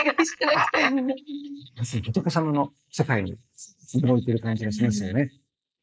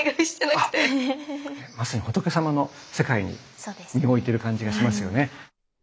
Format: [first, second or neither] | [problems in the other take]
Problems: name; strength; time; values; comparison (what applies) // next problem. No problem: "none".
second | noise reduction (neural mask model Resemble Enhance denoiser)